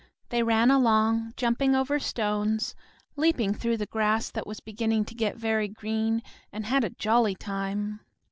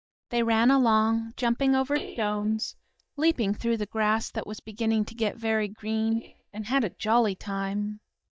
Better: first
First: none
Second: noise reduction (neural mask model DeepFilterNet 3)

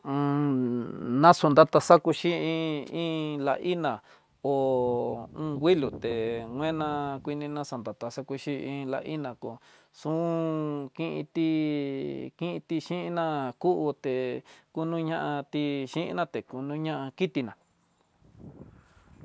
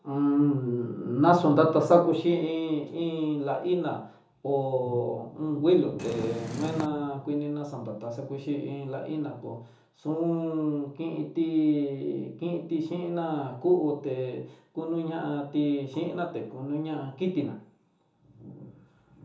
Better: first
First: none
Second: background sound (Purr); 7 dB below the speech // room echo; dies away in 0.9 s

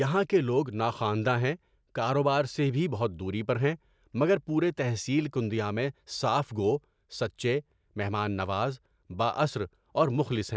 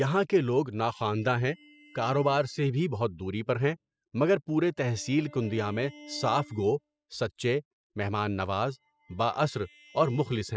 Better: first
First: none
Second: noise reduction (classical method spectral subtraction)

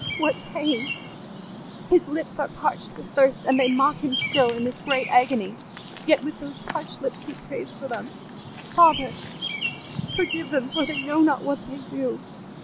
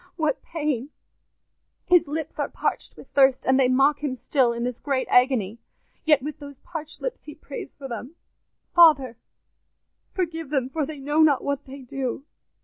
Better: second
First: background sound (Bird vocalization, bird call, bird song); 9 dB below the speech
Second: none

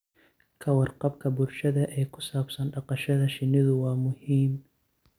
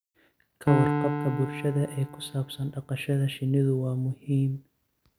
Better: first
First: none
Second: background sound (Piano); 3 dB below the speech

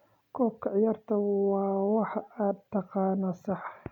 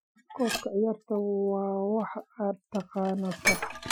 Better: first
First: none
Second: noise reduction (classical method Wiener filter)

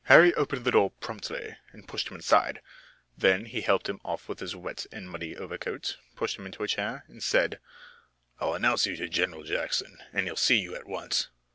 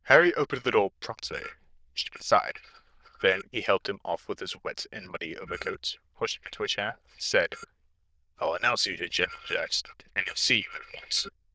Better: first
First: none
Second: noise reduction (neural diffusion model UNIVERSE++)

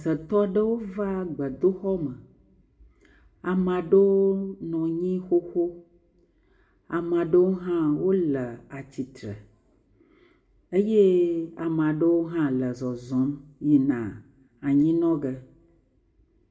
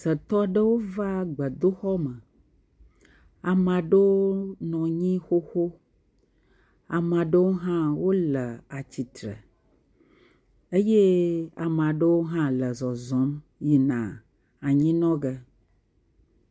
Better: second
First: room echo; dies away in 0.5 s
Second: none

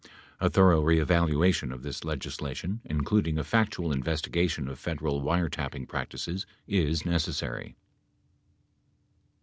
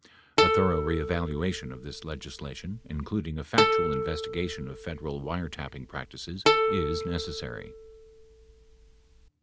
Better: first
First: none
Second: background sound (Plucked string instrument); 3 dB above the speech

